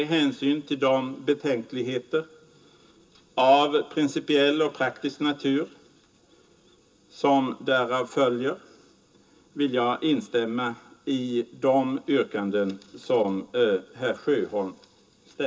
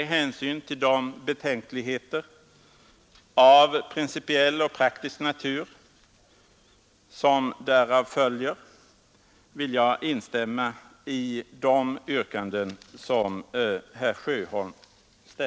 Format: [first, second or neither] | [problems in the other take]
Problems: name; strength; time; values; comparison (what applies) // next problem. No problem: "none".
second | room echo; dies away in 0.2 s